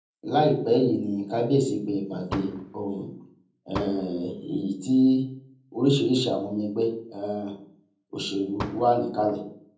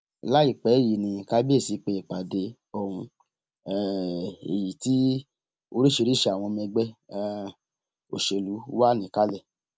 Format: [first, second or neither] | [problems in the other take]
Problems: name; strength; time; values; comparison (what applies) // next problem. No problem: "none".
second | background sound (Fireworks); 12 dB below the speech // room echo; dies away in 0.6 s